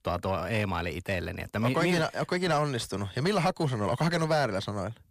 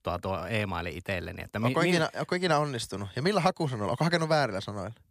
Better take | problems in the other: second | distortion; slight; 10 dB below the speech

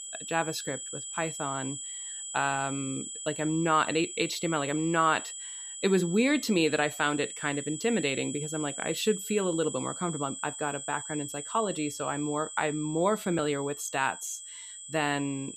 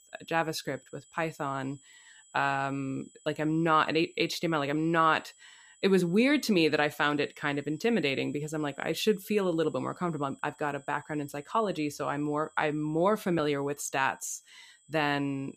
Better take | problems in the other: second | high-pitched whine; loud; throughout; 8 kHz, 8 dB below the speech; faint in the second

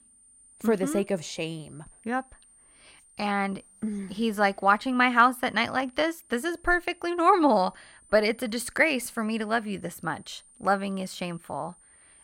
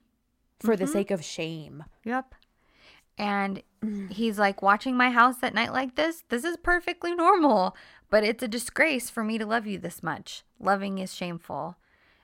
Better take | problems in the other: second | high-pitched whine; faint; throughout; 9 kHz, 30 dB below the speech

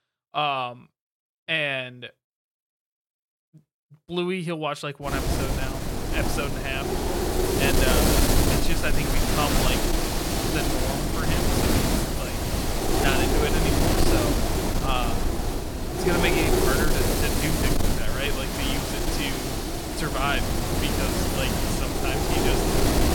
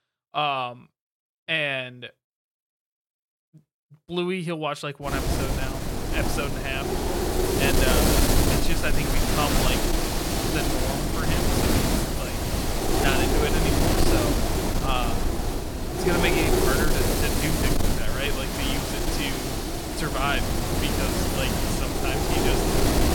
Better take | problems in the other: neither | wind noise on the microphone; heavy; from 5 s on; 2 dB above the speech; the same in both

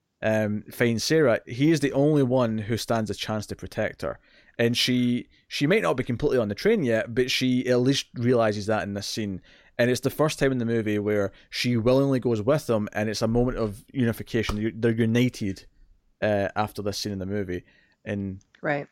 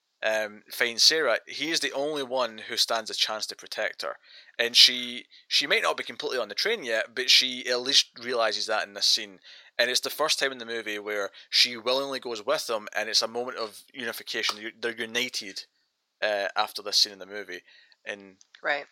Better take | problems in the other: first | thin; very; fading below 750 Hz

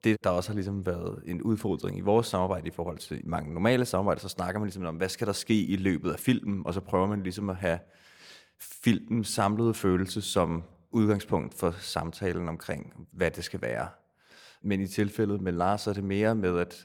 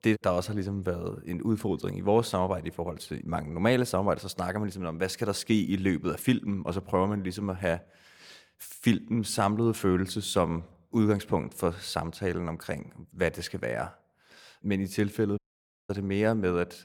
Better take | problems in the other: first | audio cutting out; at 15 s for 0.5 s

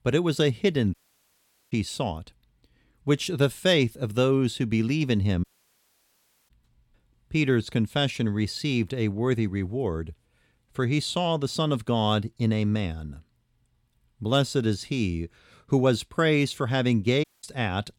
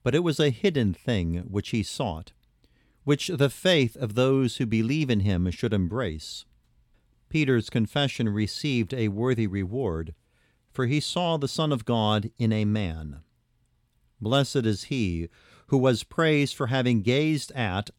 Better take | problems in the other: second | audio cutting out; at 1 s for 1 s, at 5.5 s for 1 s and at 17 s

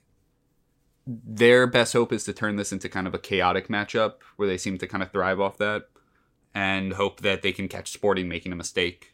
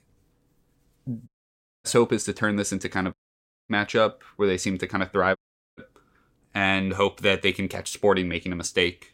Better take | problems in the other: first | audio cutting out; at 1.5 s for 0.5 s, at 3 s for 0.5 s and at 5.5 s

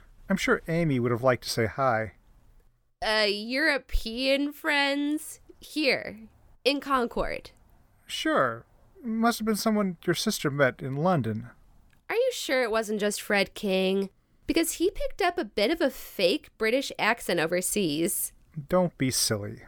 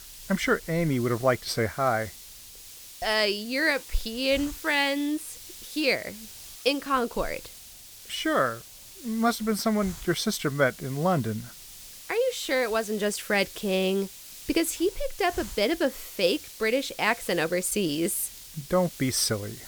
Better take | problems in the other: first | hiss; noticeable; throughout; 15 dB below the speech

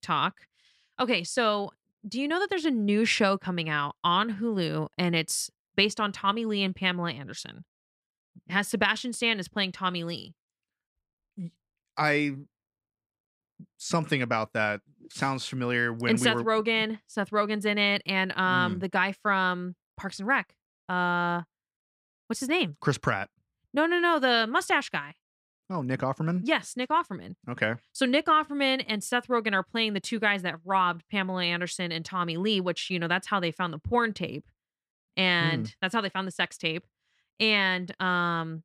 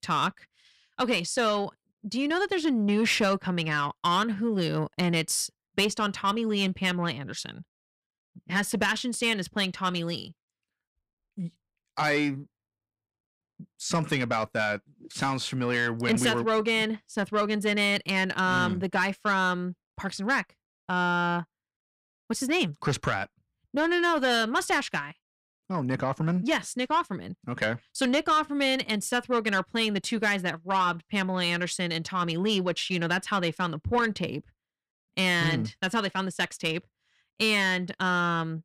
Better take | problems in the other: first | distortion; slight; 10 dB below the speech

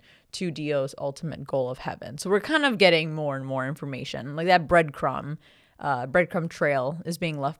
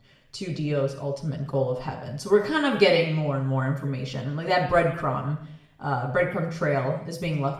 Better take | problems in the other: first | room echo; slight; dies away in 0.7 s // off-mic speech; far

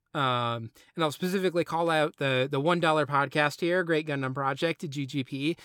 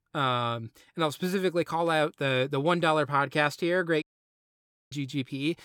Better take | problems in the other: first | audio cutting out; at 4 s for 1 s

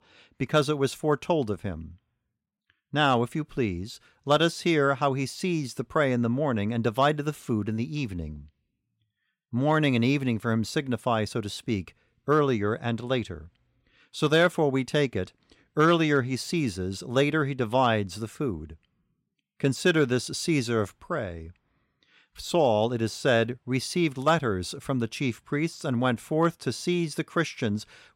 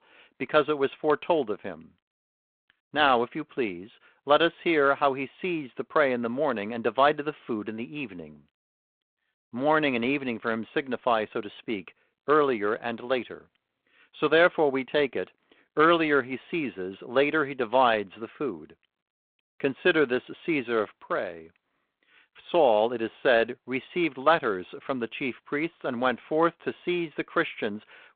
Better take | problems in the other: first | phone-call audio; nothing above 3.5 kHz

